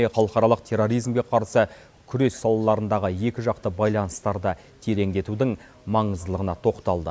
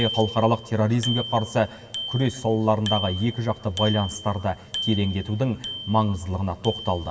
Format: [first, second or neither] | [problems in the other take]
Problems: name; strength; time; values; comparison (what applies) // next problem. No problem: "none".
first | background sound (Bicycle bell); 10 dB below the speech // room echo; dies away in 2.4 s